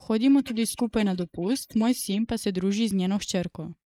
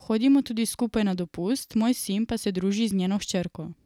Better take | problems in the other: second | noise reduction (neural mask model Resemble Enhance denoiser)

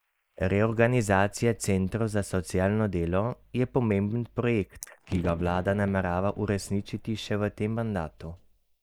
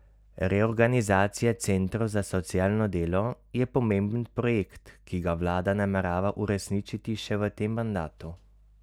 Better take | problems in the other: second | noise reduction (neural mask model Resemble Enhance denoiser)

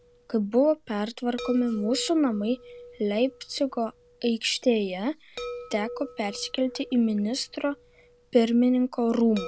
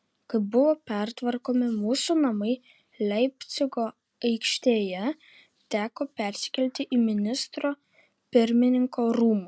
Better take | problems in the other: second | background sound (Chime); 17 dB below the speech

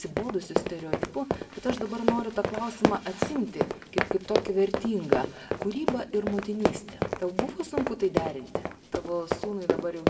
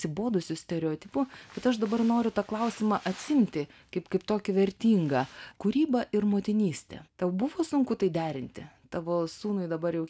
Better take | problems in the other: second | background sound (Run); 1 dB above the speech // room echo; dies away in 1.1 s

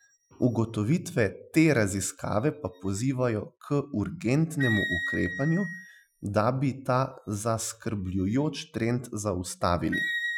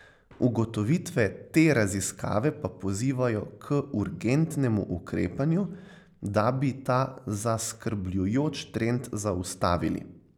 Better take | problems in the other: second | noise reduction (classical method Wiener filter)

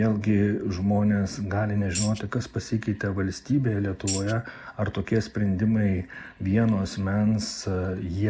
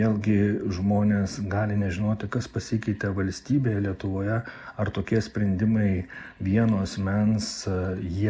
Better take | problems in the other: second | background sound (Tambourine); 11 dB below the speech

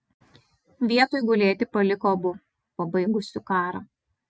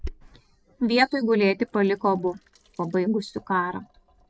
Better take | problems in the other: first | background sound (Sink (filling or washing)); 19 dB below the speech

